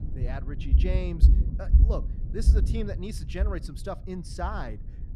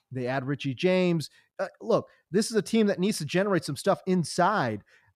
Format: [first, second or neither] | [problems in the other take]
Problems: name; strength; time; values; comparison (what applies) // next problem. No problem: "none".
second | low rumble; loud; throughout; 7 dB below the speech